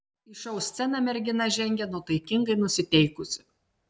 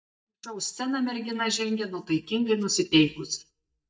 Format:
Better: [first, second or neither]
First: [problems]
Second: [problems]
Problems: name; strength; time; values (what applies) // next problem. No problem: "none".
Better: first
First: none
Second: noise reduction (neural mask model DeepFilterNet 3)